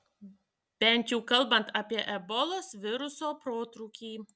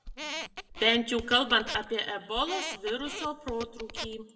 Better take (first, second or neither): first